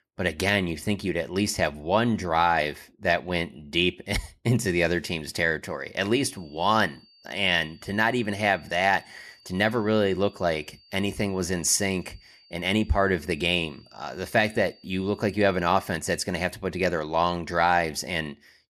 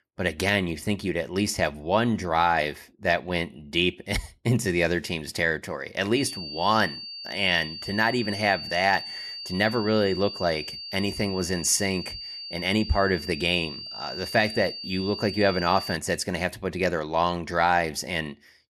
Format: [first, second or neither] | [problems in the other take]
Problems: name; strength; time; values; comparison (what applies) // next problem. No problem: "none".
first | high-pitched whine; loud; from 6 to 16 s; 4.5 kHz, 9 dB below the speech; faint in the first